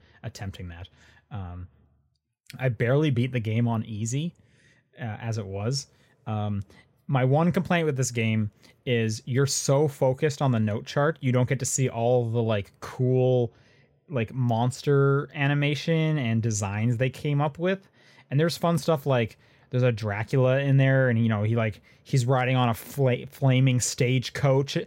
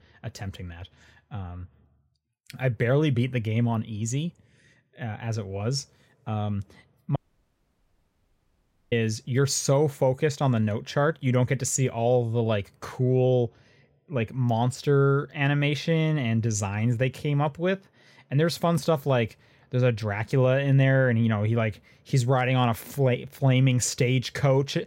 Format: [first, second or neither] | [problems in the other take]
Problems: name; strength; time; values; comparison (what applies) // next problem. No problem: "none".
first | audio cutting out; at 7 s for 2 s